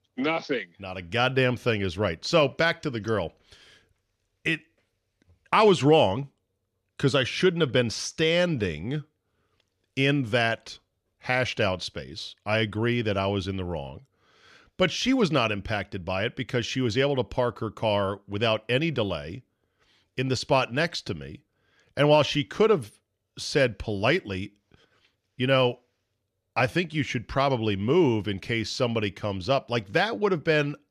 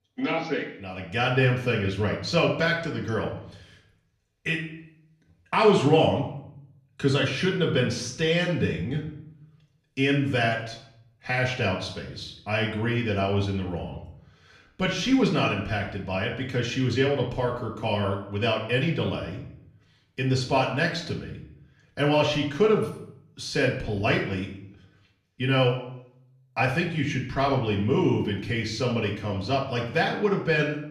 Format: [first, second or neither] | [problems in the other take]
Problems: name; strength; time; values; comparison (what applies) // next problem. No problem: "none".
first | off-mic speech; far // room echo; slight; dies away in 0.6 s